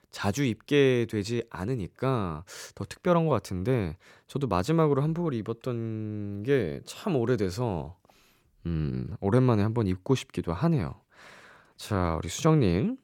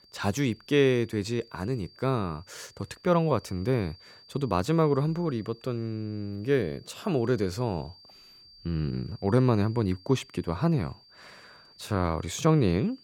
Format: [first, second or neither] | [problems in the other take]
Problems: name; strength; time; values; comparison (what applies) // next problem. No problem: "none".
first | high-pitched whine; faint; throughout; 4.5 kHz, 25 dB below the speech